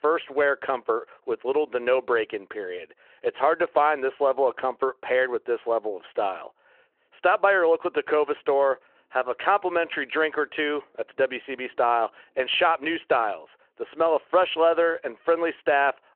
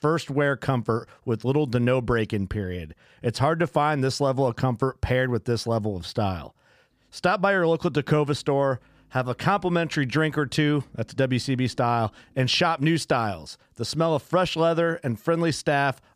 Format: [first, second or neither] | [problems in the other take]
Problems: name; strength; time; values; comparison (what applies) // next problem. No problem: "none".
second | phone-call audio